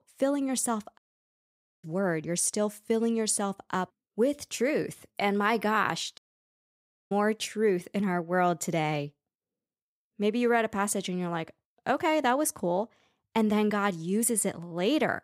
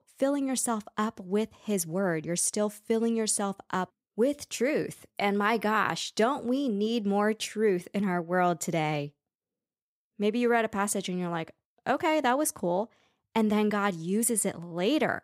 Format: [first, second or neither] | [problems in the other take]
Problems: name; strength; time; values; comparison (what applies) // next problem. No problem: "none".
second | audio cutting out; at 1 s for 1 s and at 6 s for 1 s